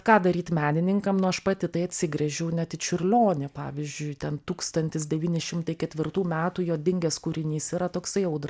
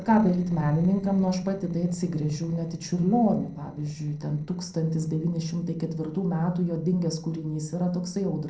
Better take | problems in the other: first | noise reduction (neural separator model SepFormer DNS4)

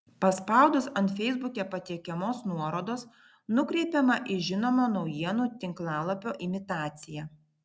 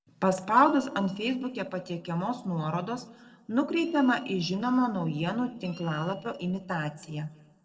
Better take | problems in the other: first | noise reduction (neural separator model SepFormer DNS4)

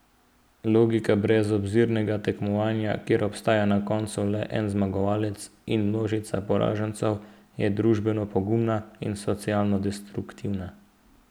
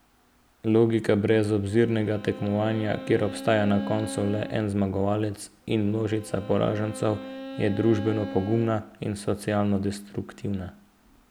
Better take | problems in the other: first | background sound (Bowed string instrument); 13 dB below the speech

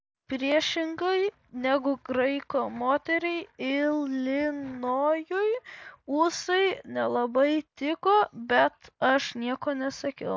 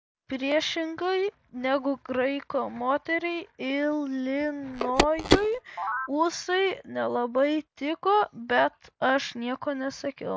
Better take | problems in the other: first | background sound (Telephone); 1 dB below the speech

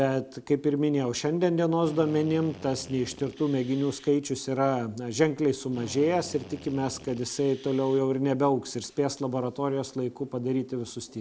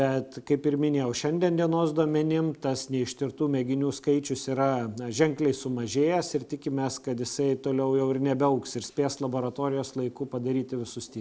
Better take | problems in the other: second | background sound (Drill); 19 dB below the speech

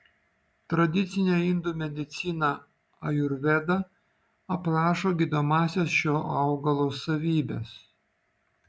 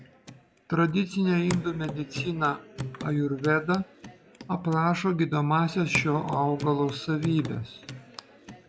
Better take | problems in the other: first | background sound (Hands / Wood); 13 dB below the speech

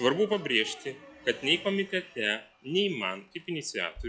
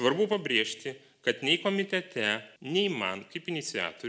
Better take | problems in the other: second | noise reduction (classical method log-MMSE)

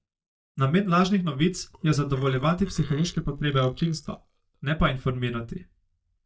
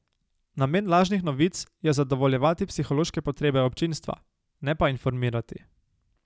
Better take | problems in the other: second | noise reduction (neural mask model DeepFilterNet 3)

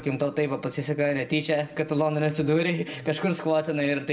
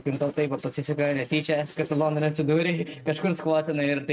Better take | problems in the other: first | noise reduction (neural mask model RNNoise)

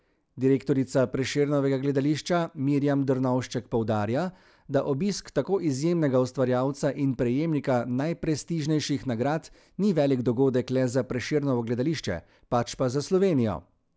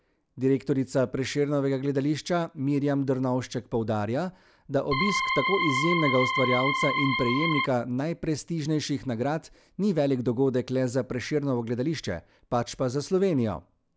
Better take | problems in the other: first | background sound (Organ); as loud as the speech

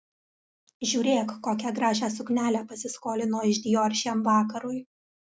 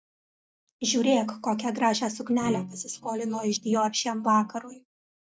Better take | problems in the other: first | noise reduction (neural mask model DeepFilterNet 3)

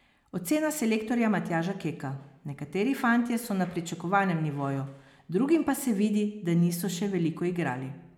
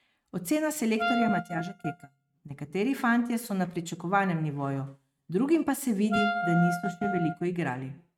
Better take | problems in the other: first | noise reduction (neural mask model RNNoise)

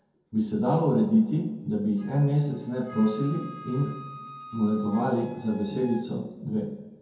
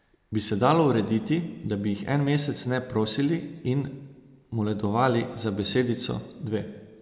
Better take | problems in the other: second | background sound (Wind instrument, woodwind instrument); 20 dB below the speech // room echo; dies away in 0.6 s

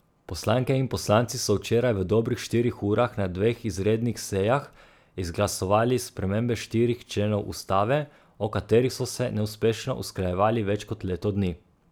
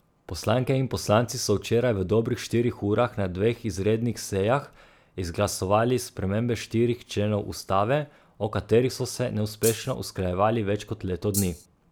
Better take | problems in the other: first | background sound (Rattle (instrument)); 7 dB below the speech

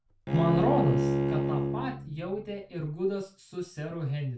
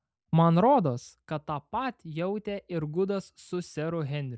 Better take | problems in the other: second | background sound (Bowed string instrument); 2 dB above the speech // room echo; dies away in 0.3 s

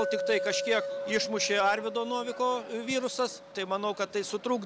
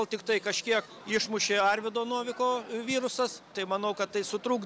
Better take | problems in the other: second | background sound (Chink, clink); 7 dB below the speech

